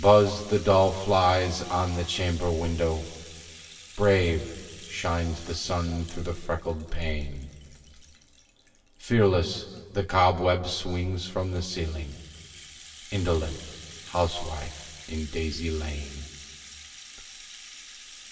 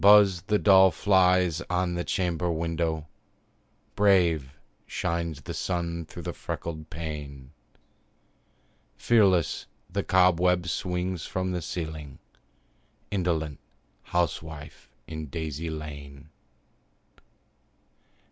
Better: second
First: background sound (Rattle (instrument)); 20 dB below the speech // room echo; dies away in 1.6 s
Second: none

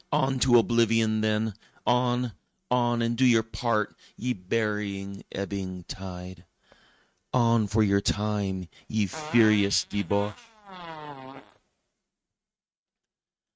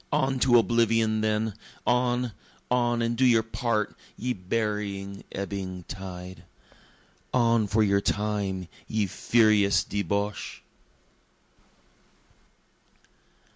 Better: second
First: noise reduction (neural mask model RNNoise)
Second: none

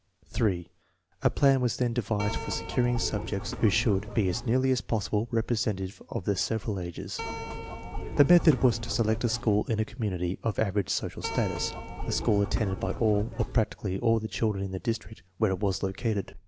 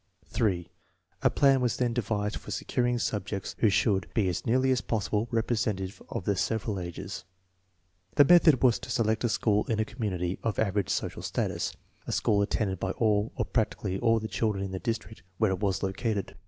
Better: second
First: background sound (Keyboard (musical)); 8 dB below the speech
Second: none

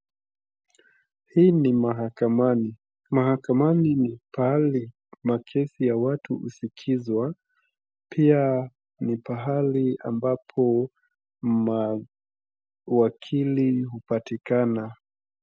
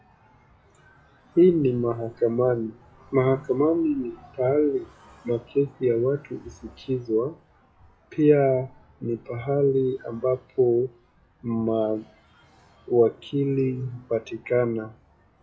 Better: first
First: none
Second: noise reduction (classical method WPE with log-MMSE)

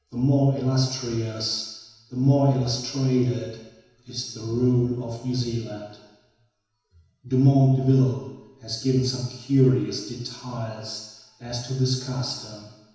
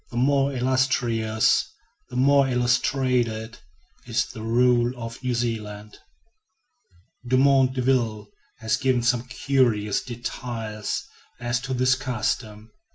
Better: second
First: room echo; dies away in 1 s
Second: none

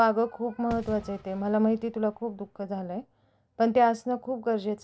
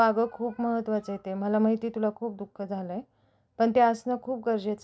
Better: second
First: background sound (Fireworks); 18 dB below the speech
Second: none

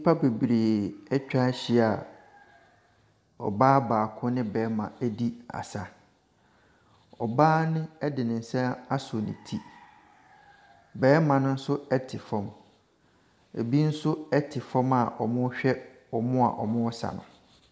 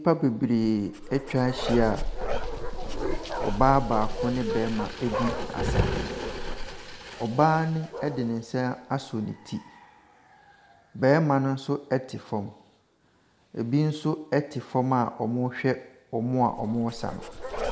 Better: first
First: none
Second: background sound (Bark); 6 dB below the speech

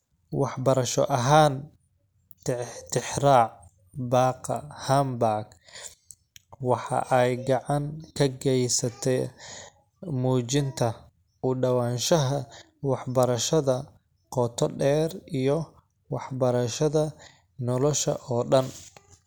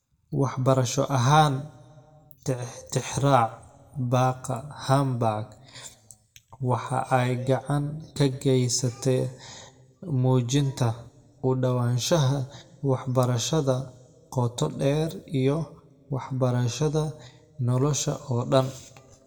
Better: first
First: none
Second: room echo; dies away in 0.8 s

